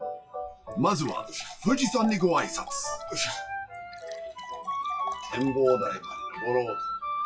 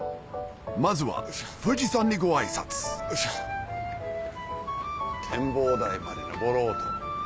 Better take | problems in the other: second | noise reduction (classical method WPE with log-MMSE)

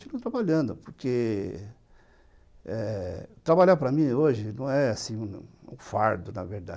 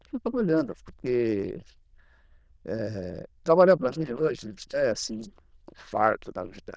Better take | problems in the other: first | noise reduction (neural diffusion model UNIVERSE++)

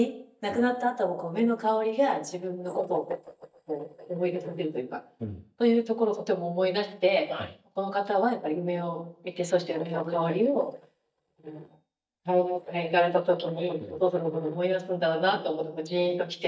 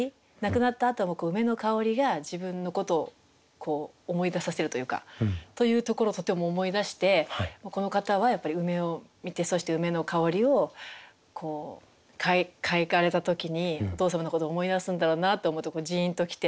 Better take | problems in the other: second | noise reduction (neural mask model DeepFilterNet 3)

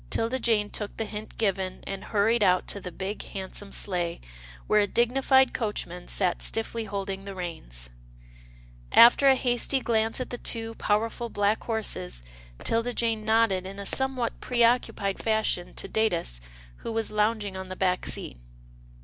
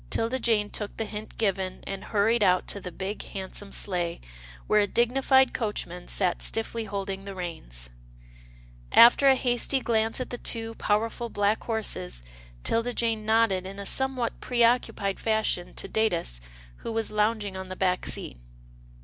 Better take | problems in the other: second | background sound (Walk, footsteps); 16 dB below the speech

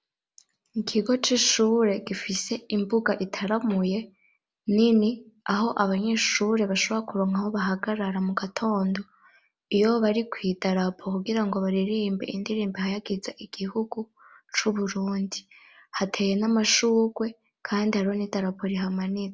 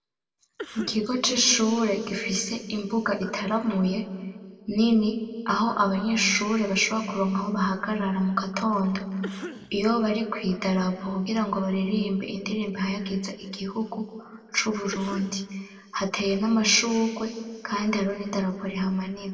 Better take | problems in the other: first | noise reduction (neural separator model SepFormer DNS4)

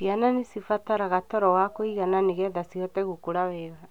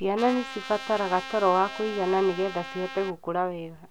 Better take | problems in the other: first | background sound (Trumpet); 12 dB below the speech

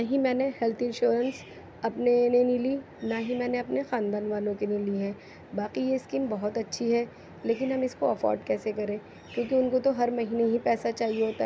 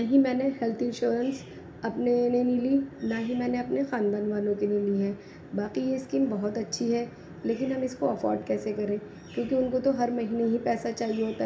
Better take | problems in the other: first | room echo; dies away in 0.4 s

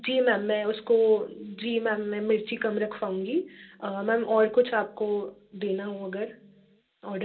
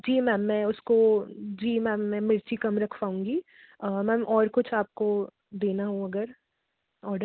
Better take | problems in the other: second | room echo; dies away in 0.2 s

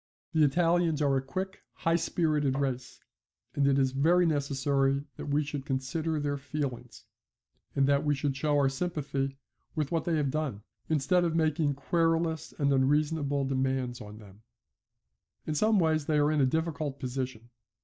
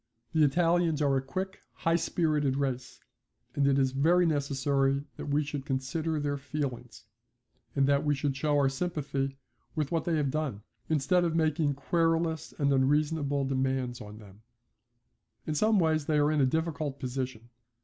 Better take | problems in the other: second | noise reduction (neural mask model DeepFilterNet 3)

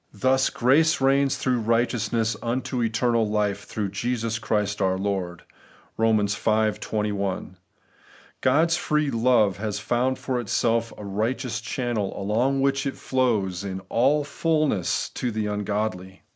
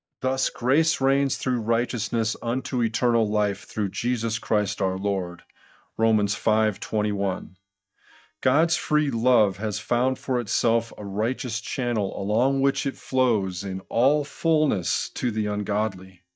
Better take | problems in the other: first | noise reduction (neural mask model DeepFilterNet 3)

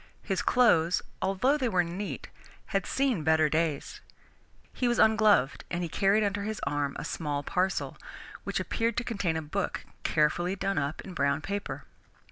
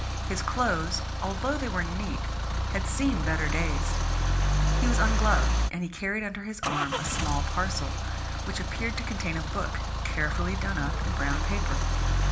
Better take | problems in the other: first | background sound (Idling / Engine starting / Accelerating, revving, vroom / Car); 5 dB above the speech // room echo; dies away in 0.4 s

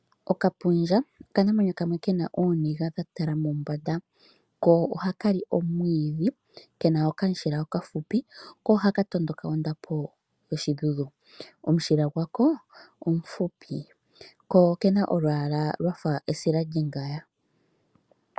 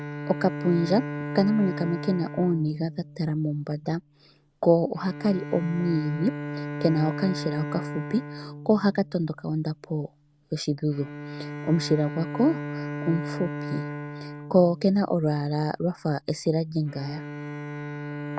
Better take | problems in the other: first | background sound (Bowed string instrument); 9 dB below the speech

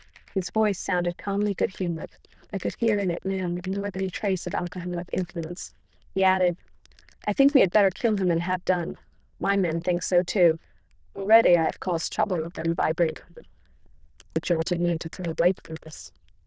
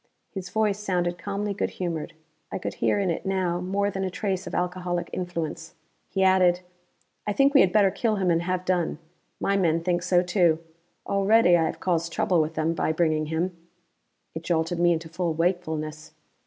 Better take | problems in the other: second | noise reduction (neural diffusion model UNIVERSE++)

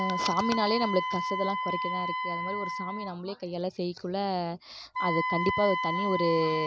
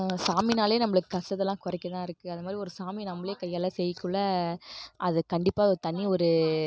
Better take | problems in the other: second | background sound (Wind instrument, woodwind instrument); 2 dB below the speech

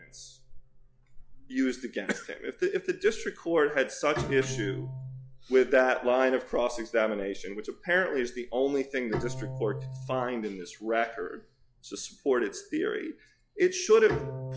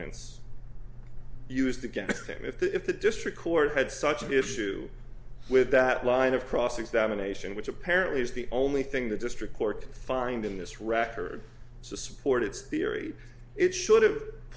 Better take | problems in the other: second | noise reduction (classical method log-MMSE)

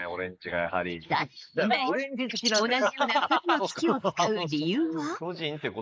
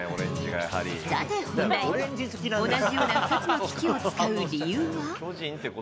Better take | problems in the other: second | noise reduction (neural mask model Resemble Enhance denoiser)

